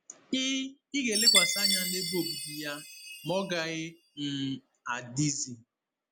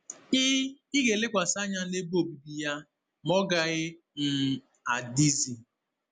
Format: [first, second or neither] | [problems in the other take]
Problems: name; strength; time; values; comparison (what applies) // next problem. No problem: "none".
second | background sound (Chime); 1 dB above the speech